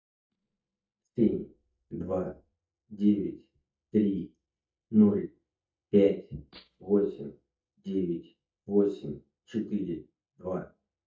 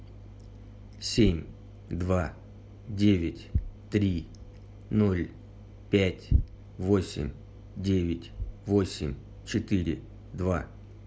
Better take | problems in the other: second | noise reduction (neural mask model DeepFilterNet 3)

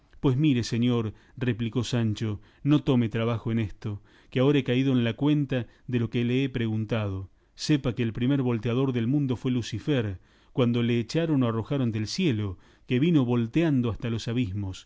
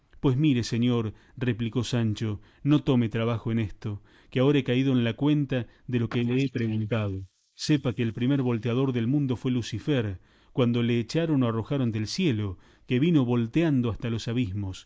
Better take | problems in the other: first | noise reduction (neural mask model Resemble Enhance denoiser)

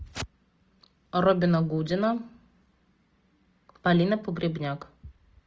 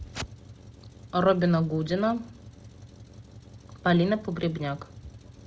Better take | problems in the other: first | background sound (Truck); 19 dB below the speech

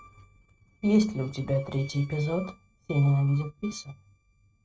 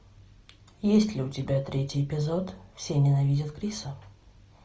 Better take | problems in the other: second | noise reduction (neural mask model RNNoise)

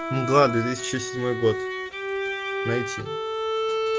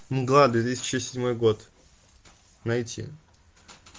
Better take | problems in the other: second | background sound (Bowed string instrument); 2 dB below the speech

